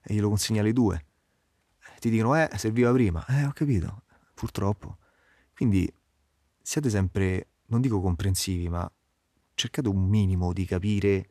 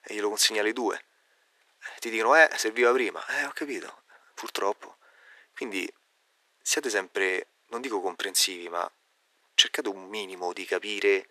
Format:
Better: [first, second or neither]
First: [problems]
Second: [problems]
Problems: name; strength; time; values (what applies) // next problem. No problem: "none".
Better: first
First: none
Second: thin; very; fading below 400 Hz